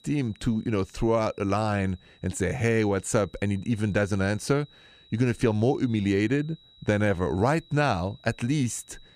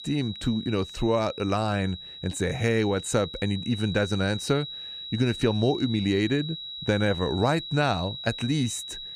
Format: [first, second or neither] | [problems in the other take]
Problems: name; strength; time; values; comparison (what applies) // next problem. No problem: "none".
first | high-pitched whine; loud; throughout; 4 kHz, 9 dB below the speech; faint in the first